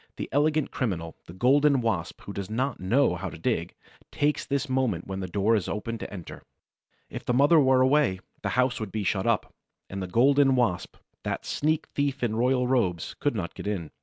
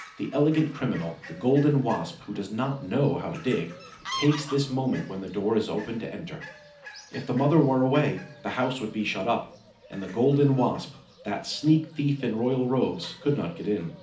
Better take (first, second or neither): first